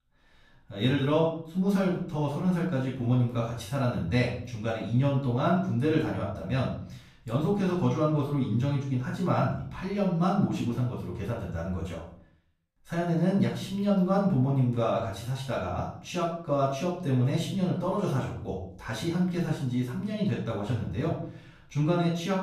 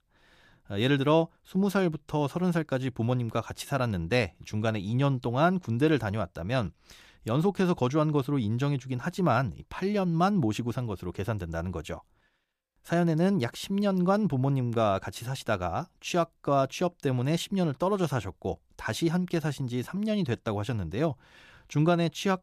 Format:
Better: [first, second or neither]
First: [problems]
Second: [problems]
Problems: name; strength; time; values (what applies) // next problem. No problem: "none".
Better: second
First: off-mic speech; far // room echo; noticeable; dies away in 0.5 s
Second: none